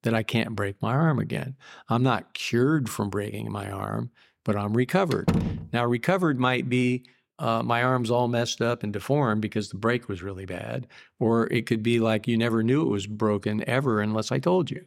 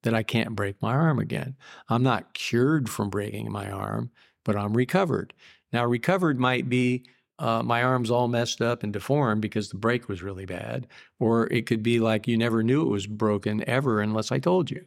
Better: second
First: door banging; noticeable; at 5 s; peak level with the speech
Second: none

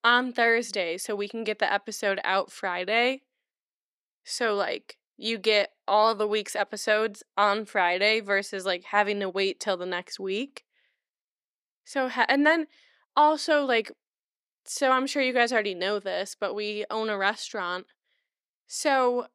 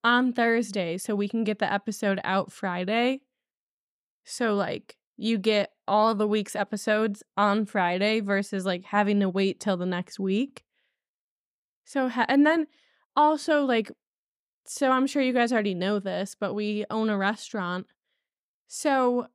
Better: second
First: thin; somewhat; fading below 350 Hz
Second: none

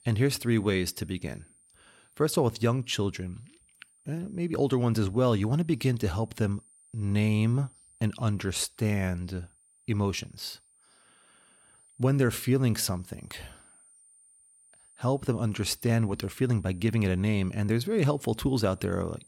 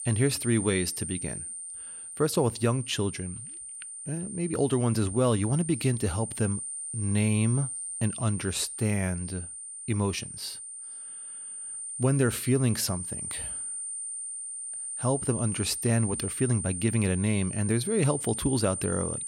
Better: first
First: high-pitched whine; faint; throughout; 9 kHz, 30 dB below the speech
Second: high-pitched whine; loud; throughout; 9 kHz, 6 dB below the speech

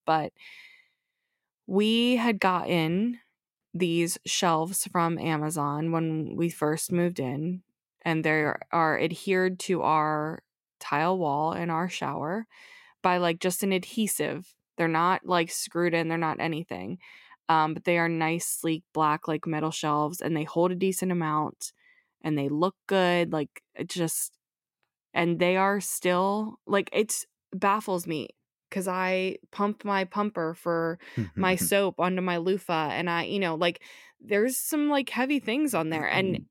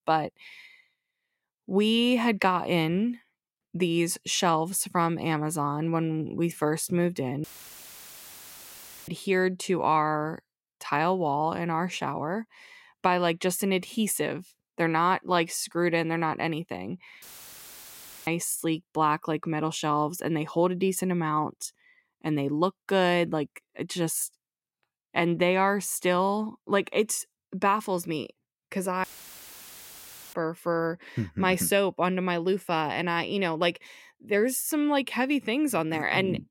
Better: first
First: none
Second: audio cutting out; filled with static; at 7.5 s for 1.5 s, at 17 s for 1 s and at 29 s for 1.5 s

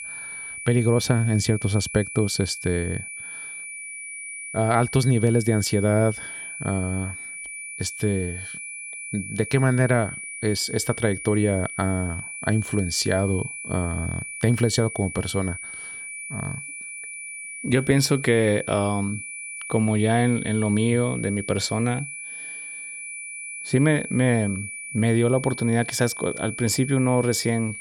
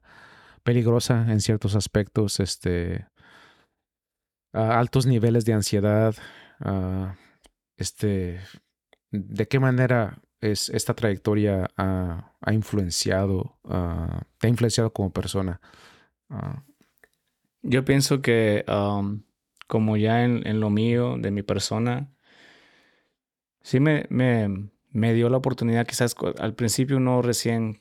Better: second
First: high-pitched whine; loud; throughout; 2.5 kHz, 9 dB below the speech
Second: none

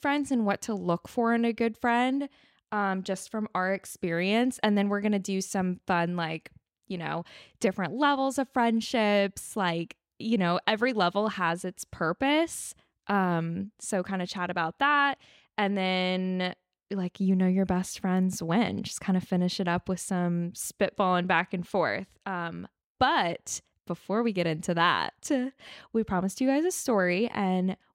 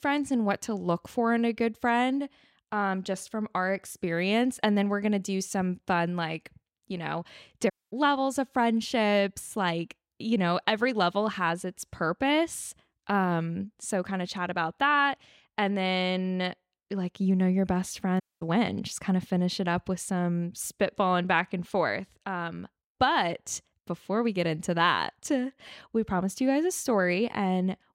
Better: first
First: none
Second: audio cutting out; at 7.5 s and at 18 s

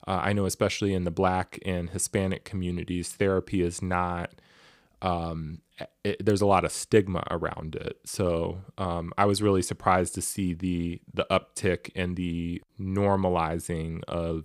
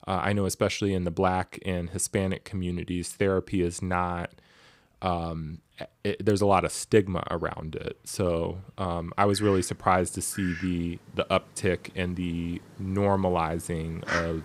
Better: first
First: none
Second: animal sounds; noticeable; throughout; 15 dB below the speech

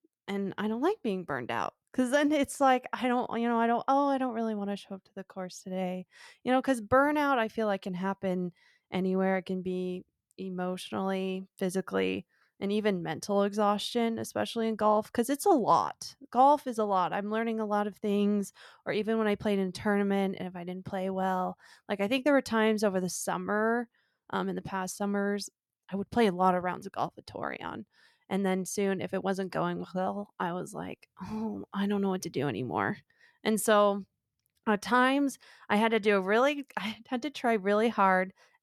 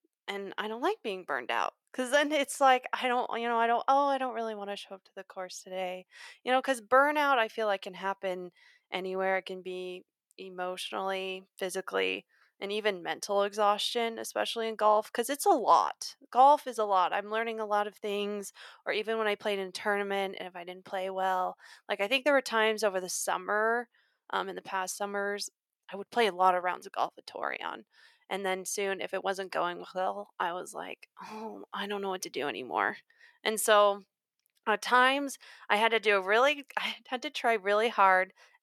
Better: first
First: none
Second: thin; somewhat; fading below 450 Hz

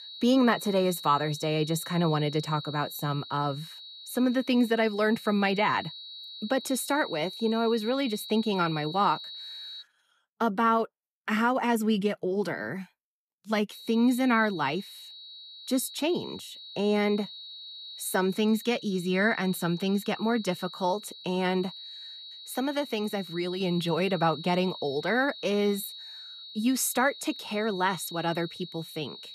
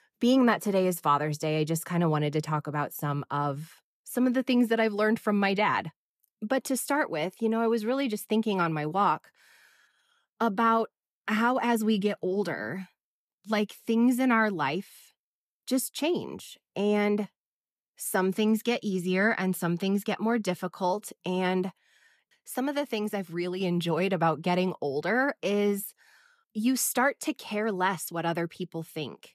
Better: second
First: high-pitched whine; noticeable; until 10 s and from 14 s on; 4 kHz, 15 dB below the speech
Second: none

